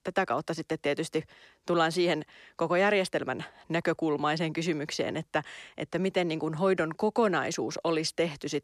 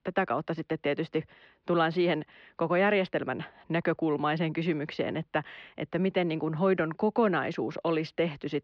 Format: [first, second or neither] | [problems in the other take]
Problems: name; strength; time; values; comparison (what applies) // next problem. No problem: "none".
first | muffled; slightly; fading above 3.5 kHz